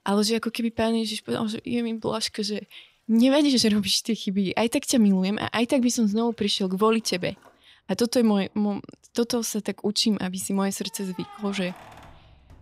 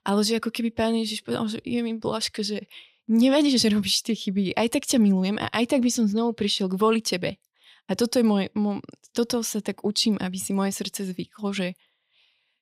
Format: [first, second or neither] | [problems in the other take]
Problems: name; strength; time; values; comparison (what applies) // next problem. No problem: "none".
second | household noises; faint; throughout; 25 dB below the speech